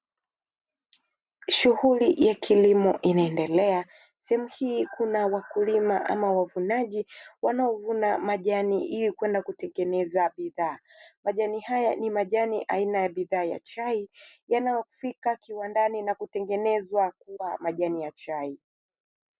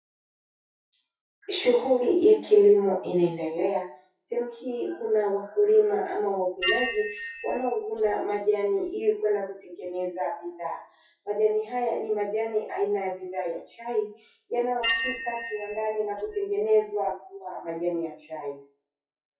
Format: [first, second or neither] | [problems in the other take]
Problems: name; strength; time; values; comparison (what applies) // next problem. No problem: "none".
first | noise reduction (classical method WPE with log-MMSE)